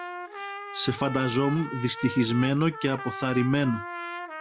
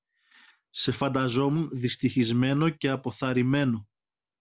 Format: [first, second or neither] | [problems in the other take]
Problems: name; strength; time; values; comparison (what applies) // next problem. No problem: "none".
second | background sound (Trumpet); 10 dB below the speech